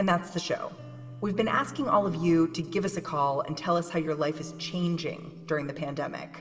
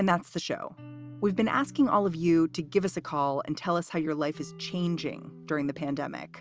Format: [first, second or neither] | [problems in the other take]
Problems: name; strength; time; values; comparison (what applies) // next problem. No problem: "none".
second | room echo; dies away in 2.7 s